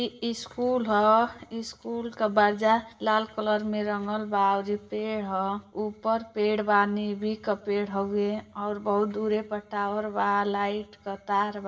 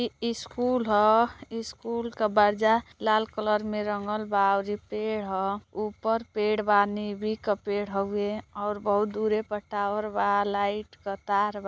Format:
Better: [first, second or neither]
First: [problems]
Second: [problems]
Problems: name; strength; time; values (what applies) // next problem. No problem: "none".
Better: second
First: room echo; dies away in 0.6 s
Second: none